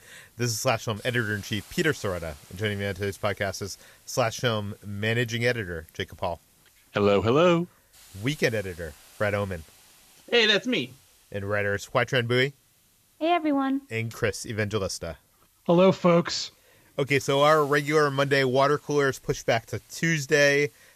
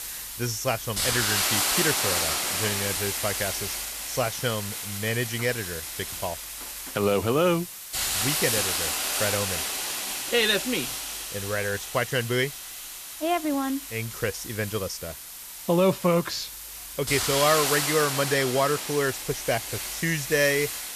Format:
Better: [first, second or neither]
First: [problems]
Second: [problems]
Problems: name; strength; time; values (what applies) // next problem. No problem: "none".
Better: first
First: hiss; faint; throughout; 30 dB below the speech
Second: hiss; loud; throughout; 1 dB below the speech